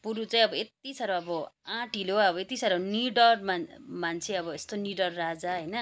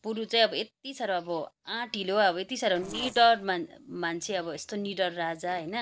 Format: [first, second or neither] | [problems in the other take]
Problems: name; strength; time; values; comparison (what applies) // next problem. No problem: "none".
first | noise reduction (neural separator model SepFormer DNS4)